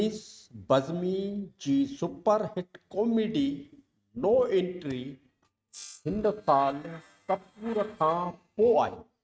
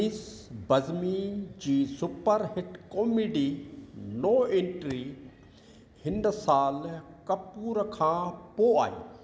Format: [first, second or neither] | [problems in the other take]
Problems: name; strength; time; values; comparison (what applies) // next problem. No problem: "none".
second | noise reduction (neural mask model RNNoise)